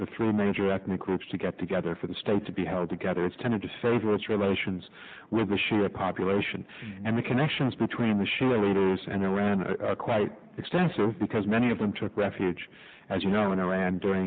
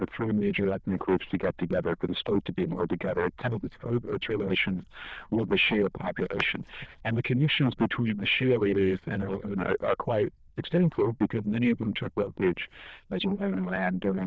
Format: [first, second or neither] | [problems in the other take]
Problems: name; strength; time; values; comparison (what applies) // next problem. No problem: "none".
first | noise reduction (neural diffusion model UNIVERSE++)